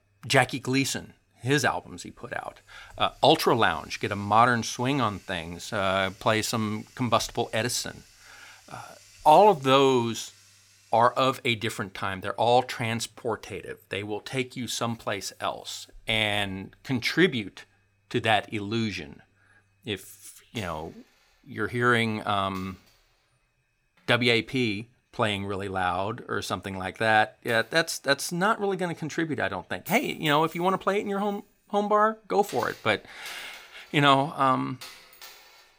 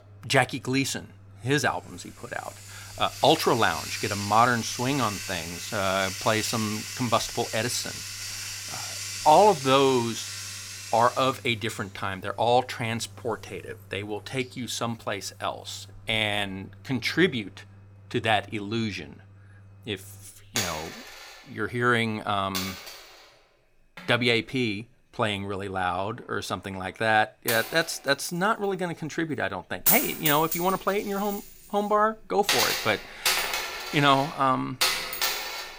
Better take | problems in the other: first | household noises; loud; throughout; 4 dB below the speech; faint in the first

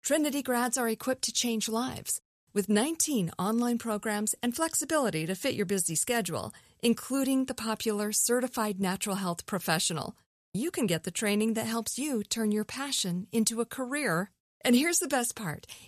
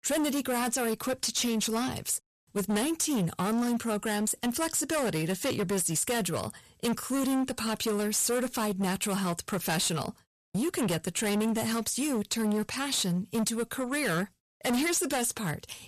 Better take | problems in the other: first | distortion; heavy; 20% of the sound clipped

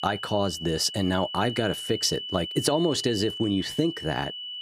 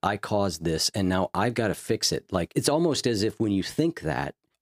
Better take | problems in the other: second | high-pitched whine; loud; throughout; 3 kHz, 8 dB below the speech

